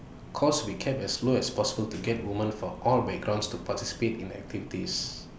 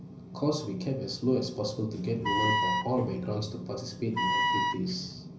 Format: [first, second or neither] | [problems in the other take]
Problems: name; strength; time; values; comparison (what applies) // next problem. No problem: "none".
first | background sound (Wind instrument, woodwind instrument); 1 dB above the speech // room echo; dies away in 0.5 s